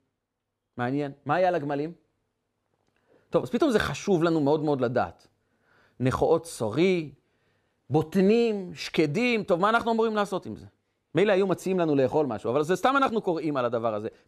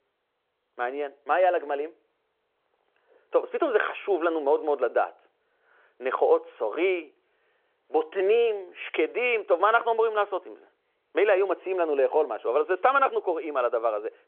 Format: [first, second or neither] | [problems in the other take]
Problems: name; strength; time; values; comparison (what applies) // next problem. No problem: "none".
first | phone-call audio